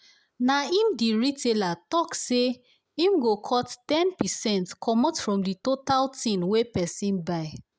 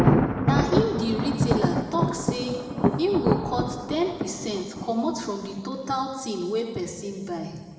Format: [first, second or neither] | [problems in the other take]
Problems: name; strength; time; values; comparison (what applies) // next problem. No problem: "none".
first | background sound (Thunder); 2 dB above the speech // room echo; dies away in 1.7 s